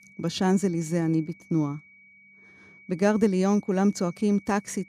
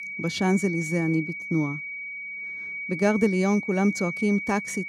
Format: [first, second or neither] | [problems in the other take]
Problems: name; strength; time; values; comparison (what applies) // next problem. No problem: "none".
first | high-pitched whine; loud; throughout; 2.5 kHz, 7 dB below the speech; faint in the first